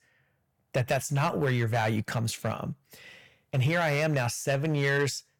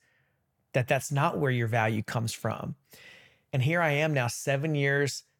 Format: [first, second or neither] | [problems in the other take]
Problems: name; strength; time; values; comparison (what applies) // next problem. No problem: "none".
second | distortion; slight; 4% of the sound clipped